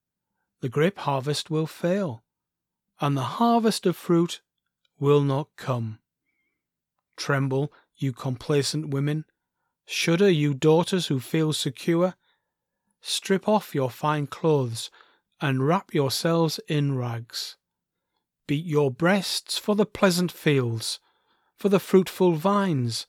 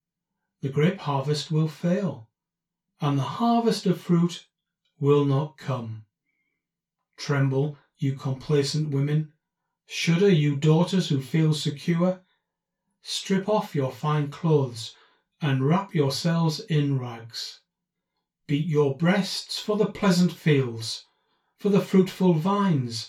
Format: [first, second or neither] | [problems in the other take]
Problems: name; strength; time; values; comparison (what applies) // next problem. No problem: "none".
first | room echo; slight; dies away in 0.2 s // off-mic speech; far